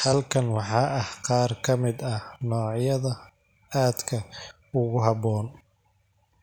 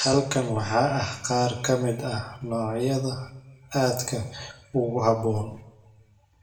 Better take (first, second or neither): first